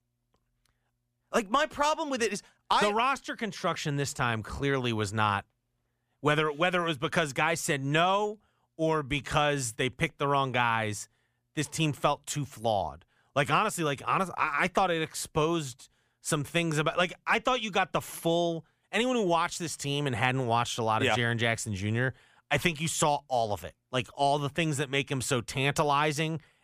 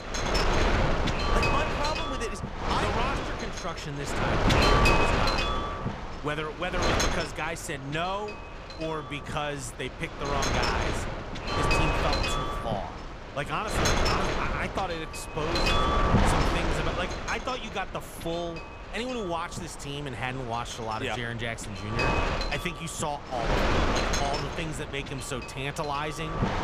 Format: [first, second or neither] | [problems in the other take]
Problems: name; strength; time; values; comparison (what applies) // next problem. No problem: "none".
first | wind noise on the microphone; heavy; 5 dB above the speech